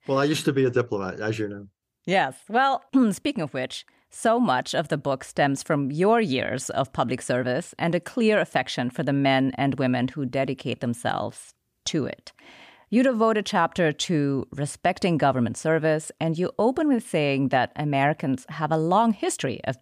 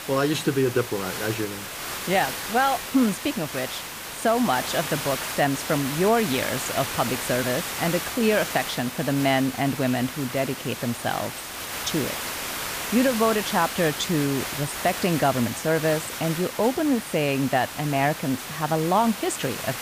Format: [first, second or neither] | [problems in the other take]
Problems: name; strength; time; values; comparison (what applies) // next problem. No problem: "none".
first | hiss; loud; throughout; 6 dB below the speech